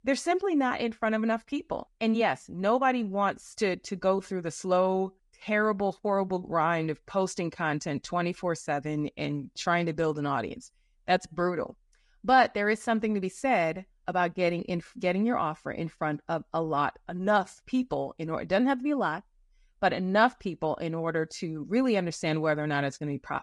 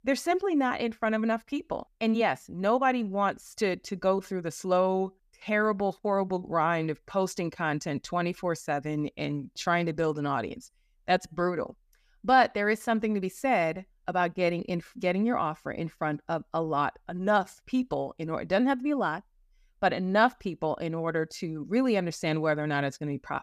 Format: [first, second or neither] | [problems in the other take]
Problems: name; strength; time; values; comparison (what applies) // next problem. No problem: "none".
second | garbled, watery; slightly; nothing above 10.5 kHz